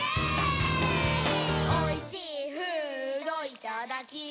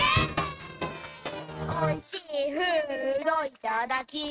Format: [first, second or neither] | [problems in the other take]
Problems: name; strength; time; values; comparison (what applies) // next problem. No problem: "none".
first | noise reduction (neural mask model RNNoise)